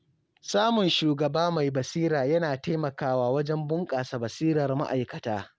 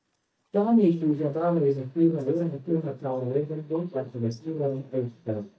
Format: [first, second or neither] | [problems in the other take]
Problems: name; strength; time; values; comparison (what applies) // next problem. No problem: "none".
first | noise reduction (neural mask model DeepFilterNet 3)